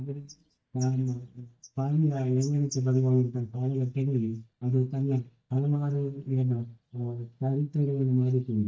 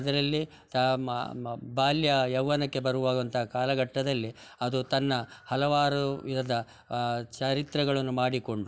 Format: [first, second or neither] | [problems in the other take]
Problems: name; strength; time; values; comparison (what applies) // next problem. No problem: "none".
second | noise reduction (neural mask model DeepFilterNet 3)